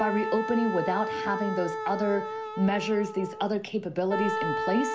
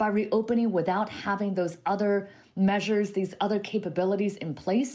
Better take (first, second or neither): second